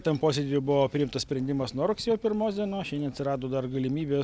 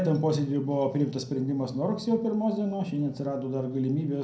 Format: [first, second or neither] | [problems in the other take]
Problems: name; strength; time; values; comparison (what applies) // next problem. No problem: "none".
first | room echo; dies away in 0.6 s